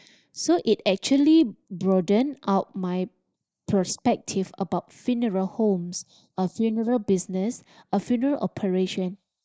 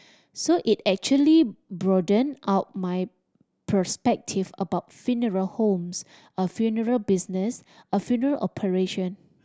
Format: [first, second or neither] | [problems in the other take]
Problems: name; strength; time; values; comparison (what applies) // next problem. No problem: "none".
second | noise reduction (neural mask model Resemble Enhance denoiser)